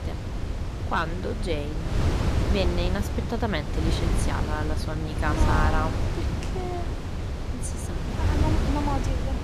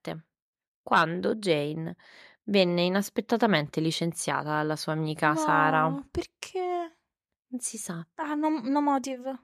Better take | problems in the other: second | wind noise on the microphone; heavy; 4 dB below the speech

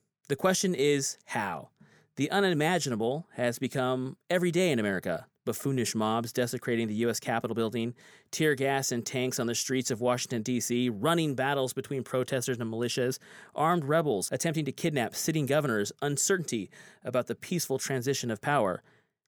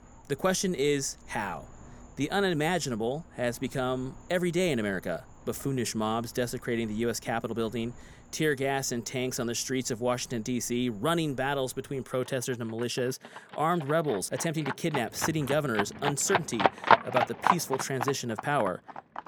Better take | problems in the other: first | animal sounds; loud; throughout; as loud as the speech

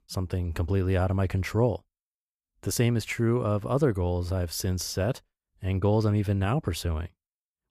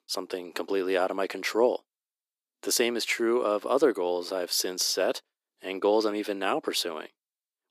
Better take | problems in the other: first | thin; very; fading below 300 Hz

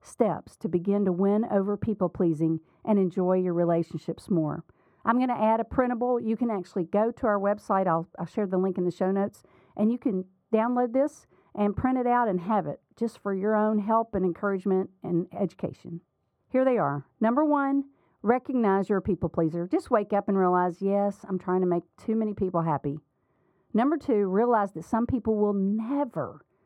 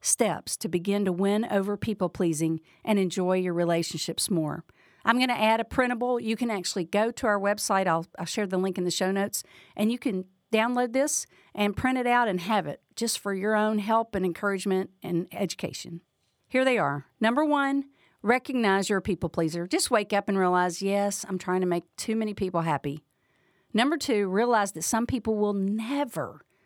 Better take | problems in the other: second | muffled; very; fading above 2 kHz

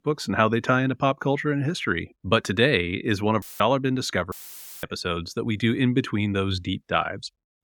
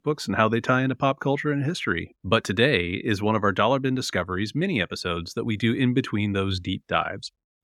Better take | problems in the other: second | audio cutting out; filled with static; at 3.5 s and at 4.5 s for 0.5 s

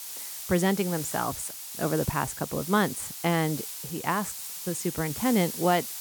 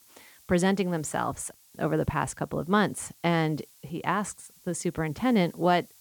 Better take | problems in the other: second | hiss; loud; throughout; 7 dB below the speech; faint in the second

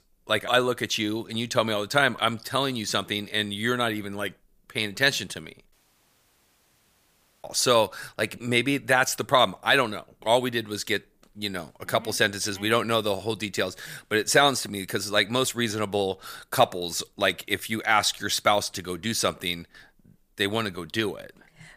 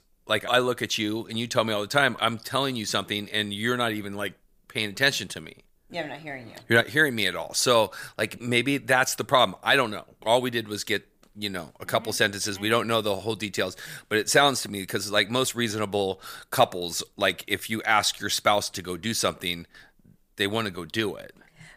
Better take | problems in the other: second | audio cutting out; at 5.5 s for 1.5 s

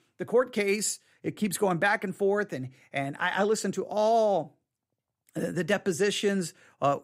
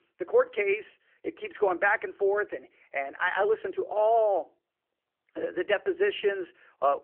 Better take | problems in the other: first | phone-call audio; nothing above 3 kHz

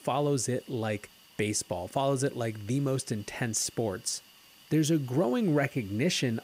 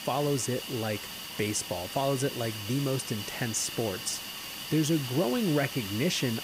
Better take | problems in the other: first | hiss; loud; throughout; 6 dB below the speech; faint in the first

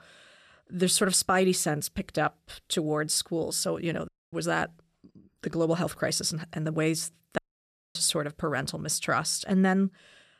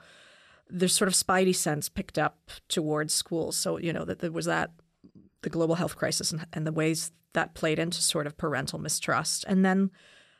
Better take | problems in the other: second | audio cutting out; at 4 s and at 7.5 s for 0.5 s

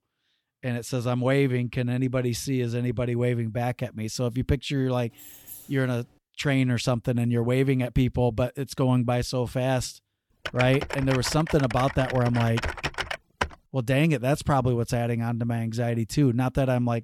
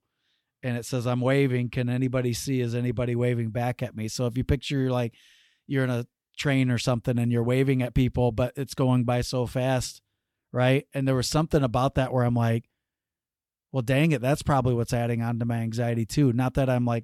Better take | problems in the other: second | jangling keys; faint; at 5 s; peak 15 dB below the speech // keyboard typing; noticeable; from 10 to 13 s; peak 4 dB below the speech

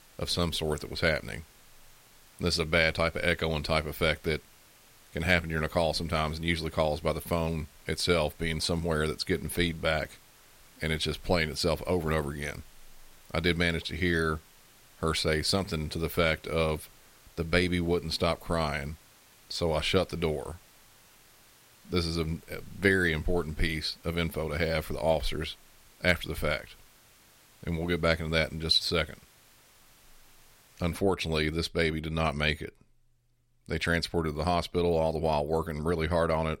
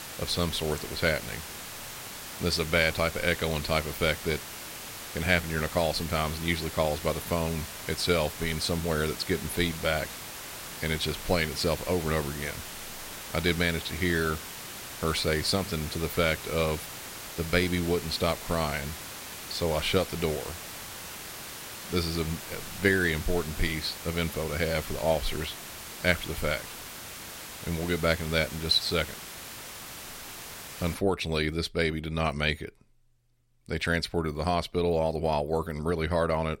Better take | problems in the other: first | hiss; loud; until 31 s; 10 dB below the speech; faint in the first

